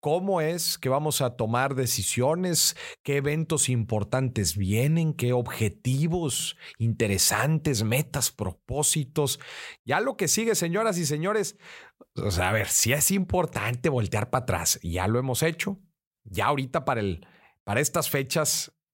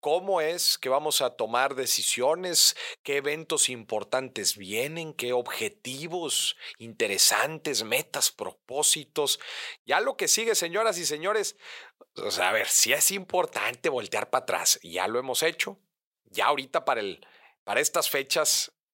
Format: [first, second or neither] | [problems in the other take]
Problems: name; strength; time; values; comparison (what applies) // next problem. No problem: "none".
first | thin; very; fading below 500 Hz